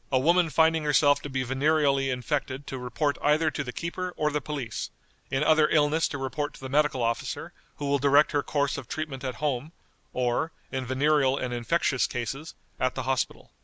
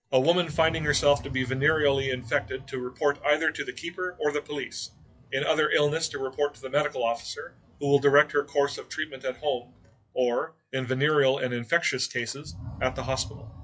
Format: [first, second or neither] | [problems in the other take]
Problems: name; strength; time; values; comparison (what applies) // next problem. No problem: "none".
first | noise reduction (classical method WPE with log-MMSE)